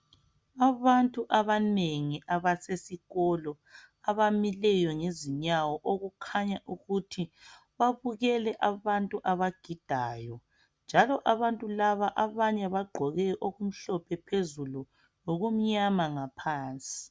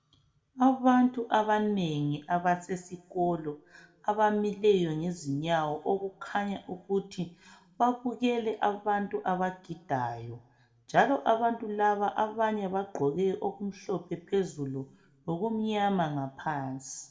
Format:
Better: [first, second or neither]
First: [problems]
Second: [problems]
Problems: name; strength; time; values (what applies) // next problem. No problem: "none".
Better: first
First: none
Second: room echo; dies away in 1.2 s